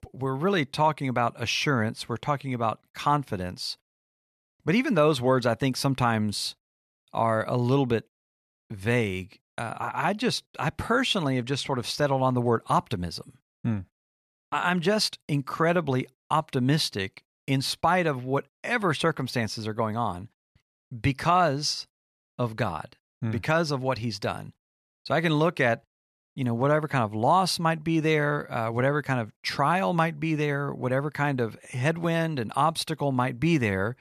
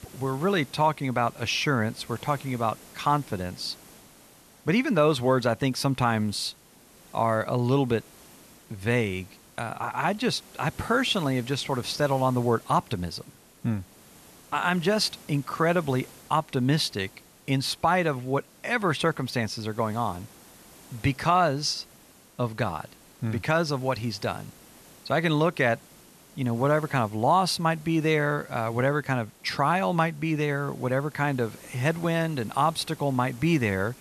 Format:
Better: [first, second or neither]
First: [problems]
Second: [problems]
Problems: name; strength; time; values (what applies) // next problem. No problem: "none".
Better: first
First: none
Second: hiss; faint; throughout; 25 dB below the speech